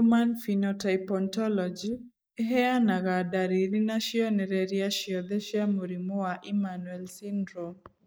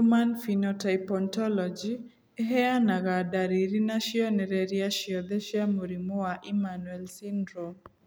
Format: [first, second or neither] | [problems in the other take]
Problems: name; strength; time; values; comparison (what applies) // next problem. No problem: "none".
second | noise reduction (neural mask model Resemble Enhance denoiser)